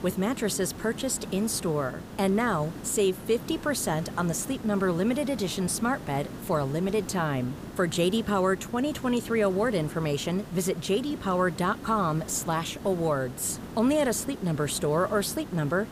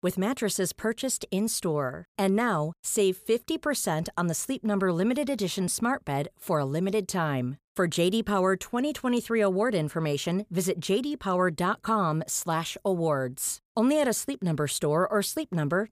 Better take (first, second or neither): second